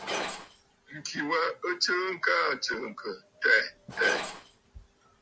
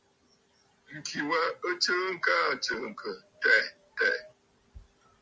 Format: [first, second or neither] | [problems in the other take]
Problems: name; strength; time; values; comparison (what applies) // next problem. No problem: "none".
second | background sound (Glass); 11 dB below the speech